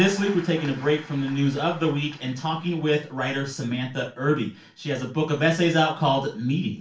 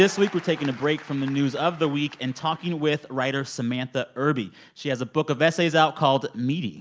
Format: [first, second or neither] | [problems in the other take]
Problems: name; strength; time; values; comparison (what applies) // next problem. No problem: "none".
second | room echo; dies away in 0.3 s